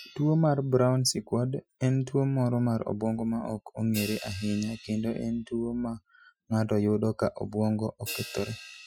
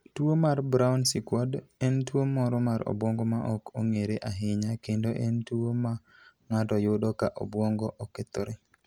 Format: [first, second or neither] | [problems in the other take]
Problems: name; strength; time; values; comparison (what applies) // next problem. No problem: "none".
second | noise reduction (classical method Wiener filter)